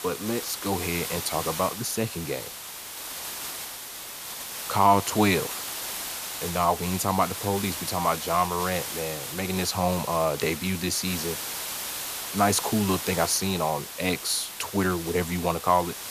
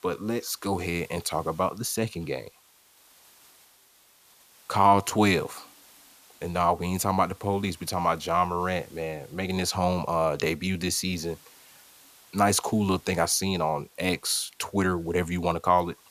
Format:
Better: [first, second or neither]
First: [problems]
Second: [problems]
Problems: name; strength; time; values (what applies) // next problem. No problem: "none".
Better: second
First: hiss; loud; throughout; 6 dB below the speech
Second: hiss; faint; throughout; 25 dB below the speech